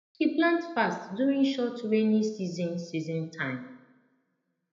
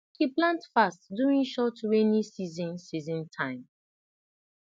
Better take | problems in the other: second | room echo; dies away in 0.7 s

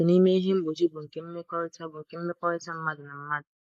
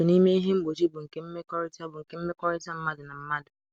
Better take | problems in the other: second | noise reduction (neural mask model Resemble Enhance denoiser)

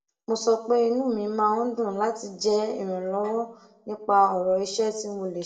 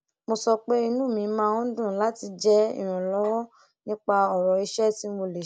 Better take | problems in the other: second | room echo; dies away in 0.5 s

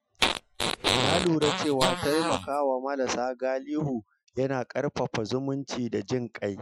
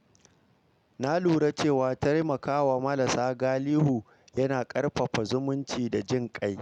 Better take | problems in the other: second | noise reduction (classical method Wiener filter)

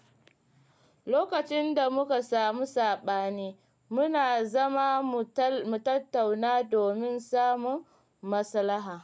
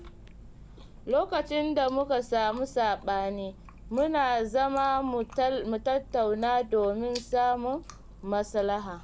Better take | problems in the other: first | background sound (Chewing, mastication); 18 dB below the speech

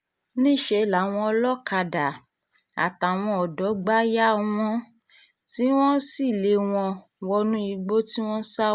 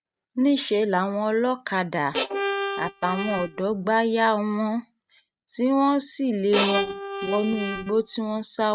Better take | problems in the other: first | noise reduction (neural mask model RNNoise)

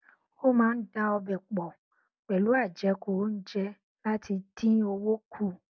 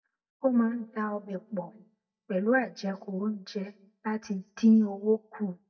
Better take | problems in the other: first | noise reduction (neural mask model DeepFilterNet 3)

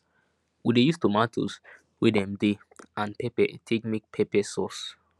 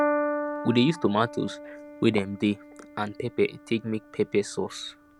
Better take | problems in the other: first | background sound (Piano); 7 dB below the speech

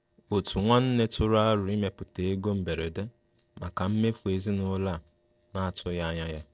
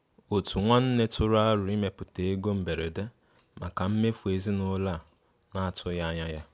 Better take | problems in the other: second | noise reduction (neural separator model SepFormer DNS4)

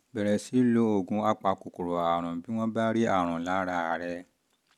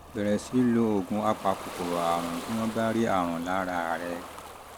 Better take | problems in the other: first | background sound (Ocean); 12 dB below the speech

